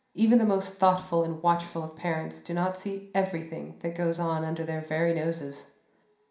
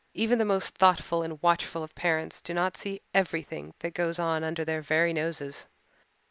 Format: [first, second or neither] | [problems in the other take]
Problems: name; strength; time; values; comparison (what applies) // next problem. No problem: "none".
second | room echo; dies away in 0.5 s